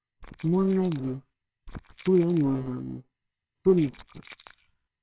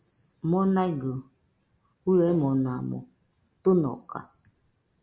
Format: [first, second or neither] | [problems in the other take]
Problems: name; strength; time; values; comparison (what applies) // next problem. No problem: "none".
second | noise reduction (neural separator model SepFormer WHAMR!)